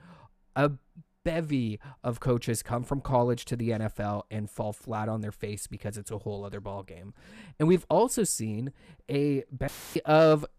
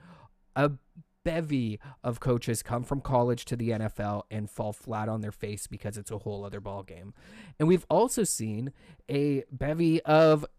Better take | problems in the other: second | audio cutting out; filled with static; at 9.5 s

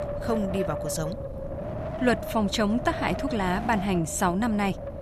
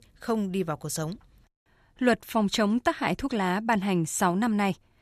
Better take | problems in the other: second | wind noise on the microphone; heavy; 7 dB below the speech

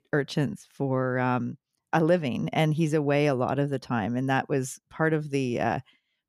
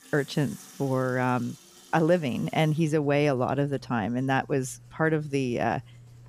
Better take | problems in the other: first | household noises; faint; throughout; 25 dB below the speech

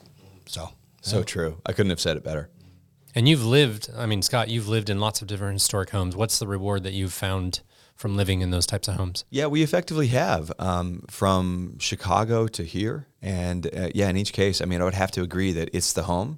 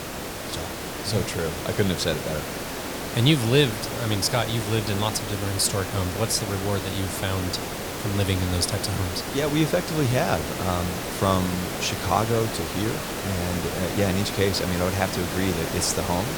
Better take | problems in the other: first | hiss; loud; throughout; 4 dB below the speech

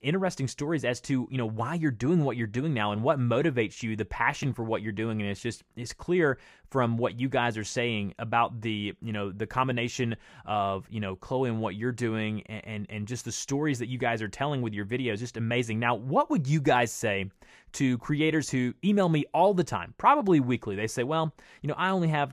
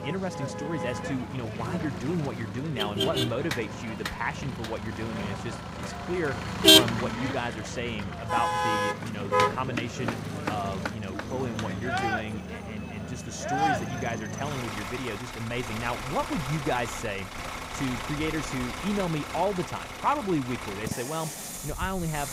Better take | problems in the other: first | traffic noise; very loud; throughout; 3 dB above the speech

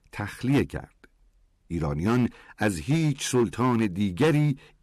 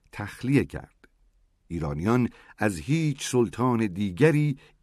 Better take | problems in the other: second | distortion; slight; 5% of the sound clipped

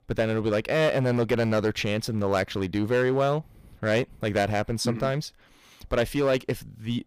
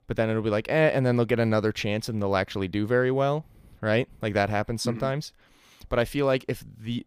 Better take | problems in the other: second | distortion; slight; 6% of the sound clipped

